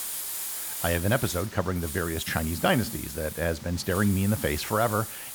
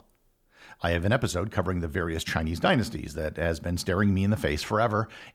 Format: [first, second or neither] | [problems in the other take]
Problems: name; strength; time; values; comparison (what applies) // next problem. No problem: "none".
second | hiss; loud; throughout; 7 dB below the speech